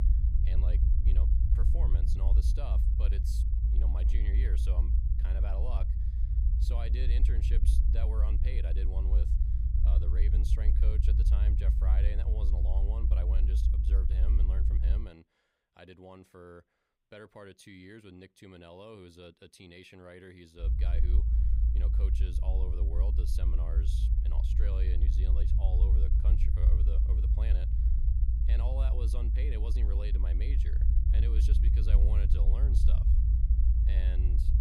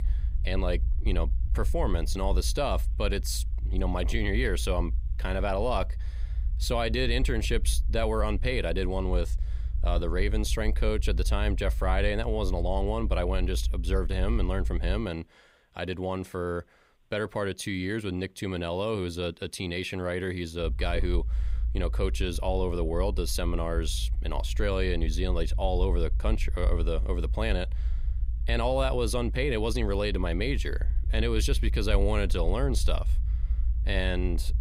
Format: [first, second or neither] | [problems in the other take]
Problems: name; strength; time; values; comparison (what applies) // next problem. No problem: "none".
second | low rumble; loud; until 15 s and from 21 s on; as loud as the speech; faint in the second